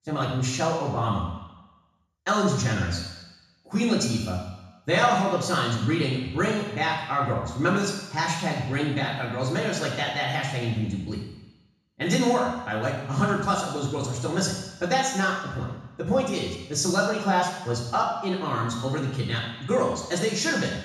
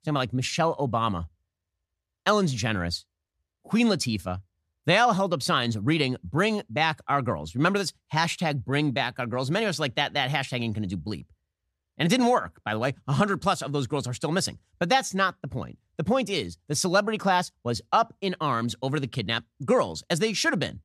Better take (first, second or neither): second